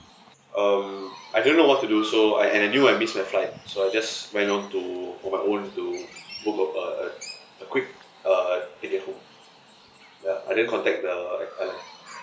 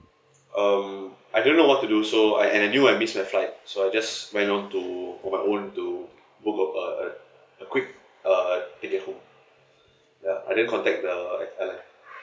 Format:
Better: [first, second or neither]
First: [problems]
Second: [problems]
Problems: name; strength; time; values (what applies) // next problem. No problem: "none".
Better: second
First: background sound (Chirp, tweet); 19 dB below the speech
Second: none